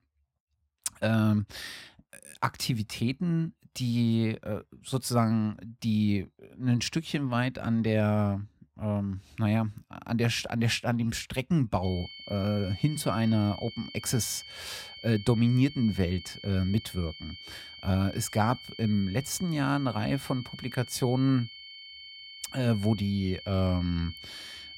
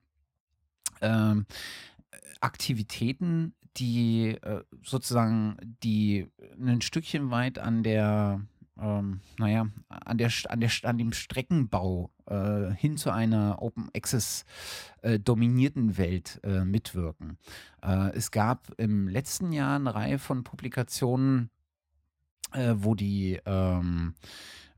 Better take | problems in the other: second | high-pitched whine; noticeable; from 12 s on; 3 kHz, 15 dB below the speech

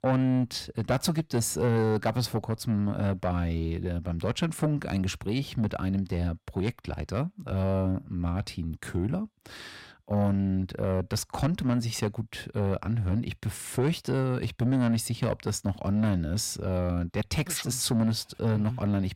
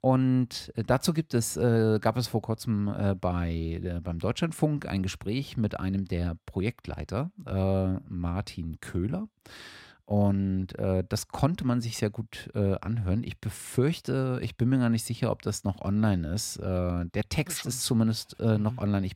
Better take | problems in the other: second | distortion; slight; 10 dB below the speech

